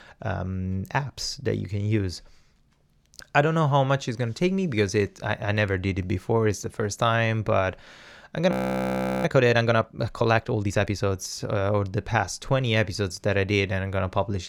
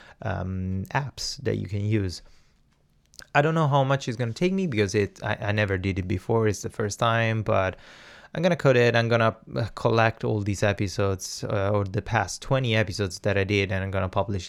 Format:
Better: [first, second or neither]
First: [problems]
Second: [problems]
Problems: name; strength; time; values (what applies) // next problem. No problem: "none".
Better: second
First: audio freezing; at 8.5 s for 0.5 s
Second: none